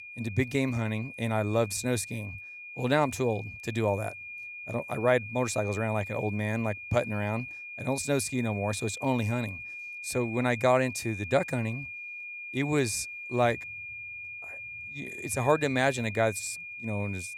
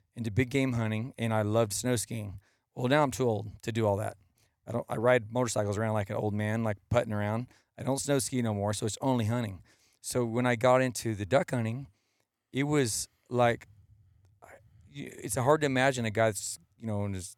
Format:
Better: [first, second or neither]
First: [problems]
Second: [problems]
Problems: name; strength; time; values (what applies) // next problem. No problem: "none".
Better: second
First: high-pitched whine; loud; throughout; 2.5 kHz, 9 dB below the speech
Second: none